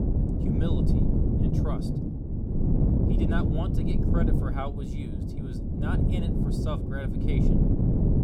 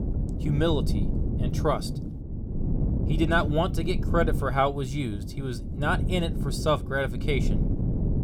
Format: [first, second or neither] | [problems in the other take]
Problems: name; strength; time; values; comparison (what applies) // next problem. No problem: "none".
second | wind noise on the microphone; heavy; 3 dB above the speech; occasional gusts in the second